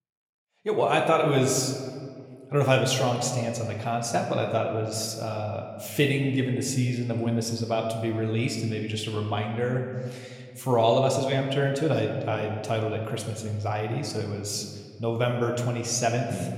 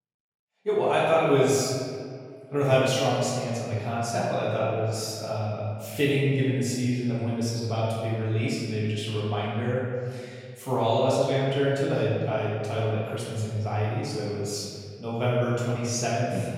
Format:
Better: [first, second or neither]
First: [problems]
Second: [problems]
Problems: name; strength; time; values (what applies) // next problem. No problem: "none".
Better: first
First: room echo; slight; dies away in 1.6 s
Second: room echo; strong; dies away in 1.9 s // off-mic speech; far